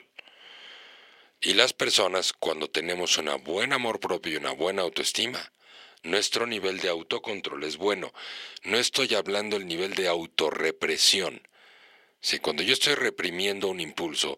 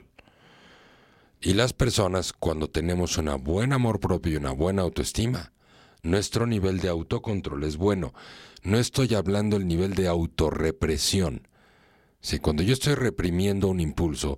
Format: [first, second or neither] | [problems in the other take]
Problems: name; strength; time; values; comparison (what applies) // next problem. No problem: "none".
second | thin; very; fading below 450 Hz